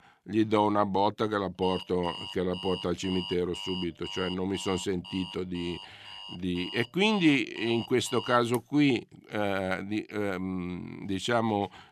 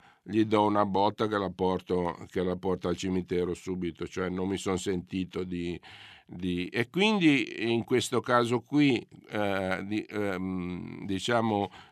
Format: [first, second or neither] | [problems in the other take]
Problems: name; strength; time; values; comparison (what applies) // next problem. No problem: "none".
second | alarm; noticeable; from 1.5 to 8.5 s; peak 7 dB below the speech